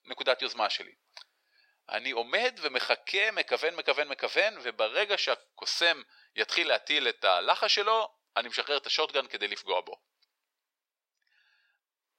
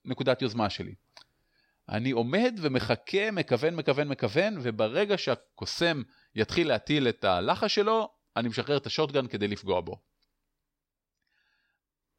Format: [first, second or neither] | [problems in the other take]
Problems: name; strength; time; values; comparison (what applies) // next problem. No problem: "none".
second | thin; very; fading below 550 Hz